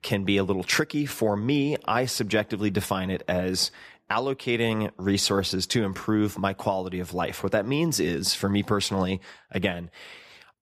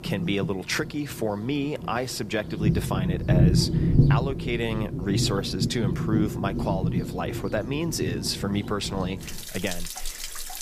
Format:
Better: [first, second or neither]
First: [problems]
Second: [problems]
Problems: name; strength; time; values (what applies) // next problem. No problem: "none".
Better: first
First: none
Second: rain or running water; very loud; throughout; 2 dB above the speech